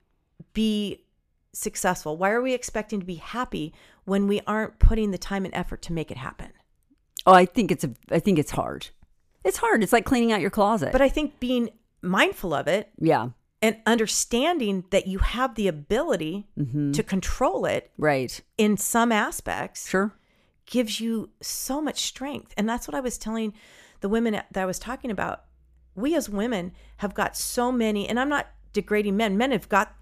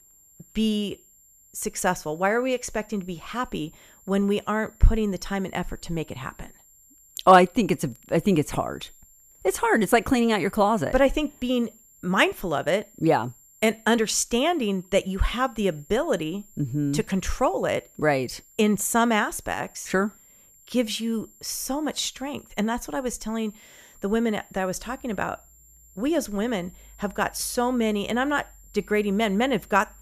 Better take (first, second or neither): first